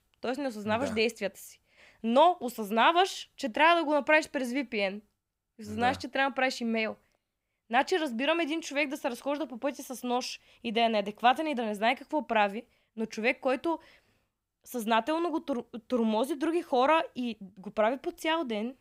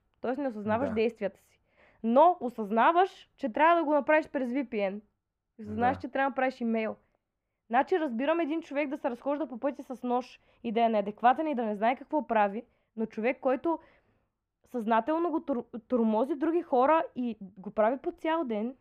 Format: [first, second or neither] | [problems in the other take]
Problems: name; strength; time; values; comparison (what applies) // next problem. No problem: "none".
first | muffled; very; fading above 2.5 kHz